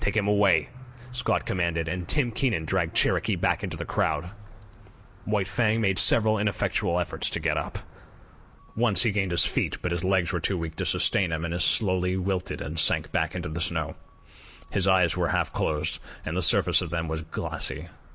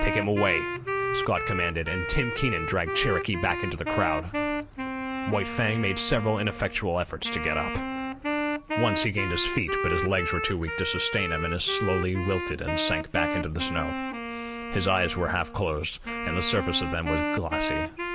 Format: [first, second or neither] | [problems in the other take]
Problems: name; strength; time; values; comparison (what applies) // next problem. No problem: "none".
first | background sound (Wind instrument, woodwind instrument); 3 dB below the speech